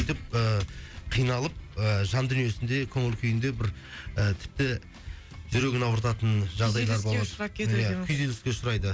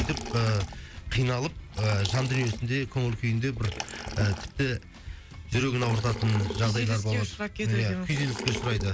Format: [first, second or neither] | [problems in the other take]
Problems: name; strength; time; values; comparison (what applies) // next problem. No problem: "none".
first | background sound (Liquid); 12 dB below the speech